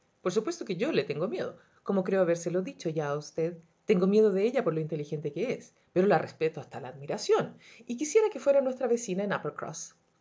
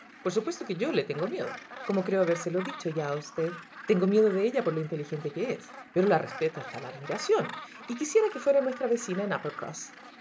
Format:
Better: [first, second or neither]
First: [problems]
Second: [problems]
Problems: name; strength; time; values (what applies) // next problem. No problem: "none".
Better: first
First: none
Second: background sound (Gull, seagull); 15 dB below the speech